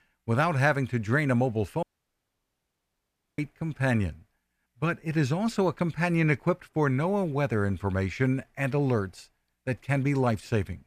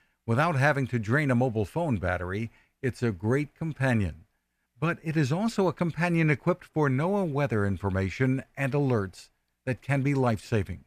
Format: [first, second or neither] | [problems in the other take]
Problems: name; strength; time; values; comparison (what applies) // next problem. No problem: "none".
second | audio cutting out; at 2 s for 1.5 s